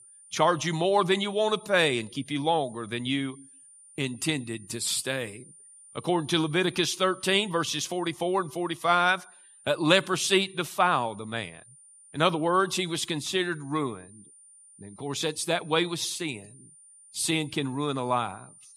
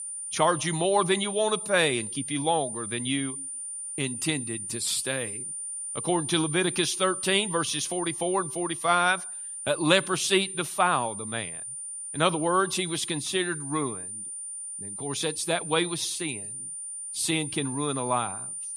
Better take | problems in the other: first | high-pitched whine; loud; throughout; 9 kHz, 6 dB below the speech; faint in the first

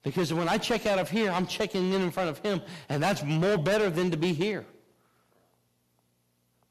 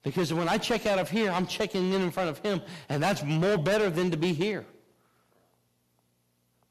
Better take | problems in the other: neither | distortion; heavy; 10% of the sound clipped; the same in both

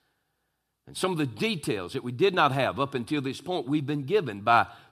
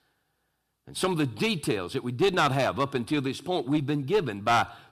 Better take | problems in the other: first | distortion; slight; 5% of the sound clipped

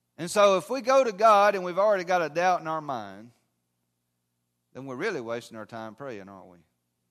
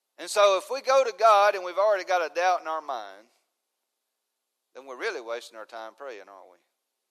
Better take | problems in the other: first | thin; very; fading below 400 Hz

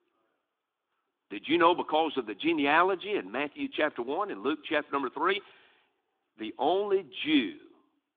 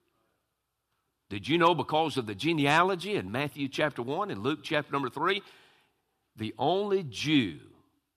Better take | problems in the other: second | phone-call audio; nothing above 3.5 kHz

